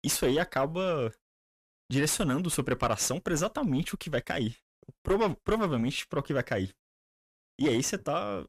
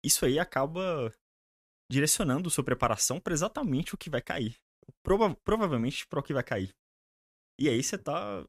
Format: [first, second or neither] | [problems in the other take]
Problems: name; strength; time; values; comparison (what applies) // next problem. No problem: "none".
second | distortion; slight; 9 dB below the speech